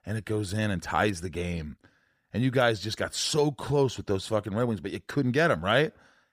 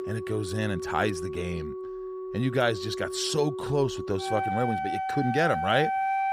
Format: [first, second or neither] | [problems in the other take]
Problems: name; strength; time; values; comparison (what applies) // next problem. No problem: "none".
first | background music; loud; throughout; 4 dB below the speech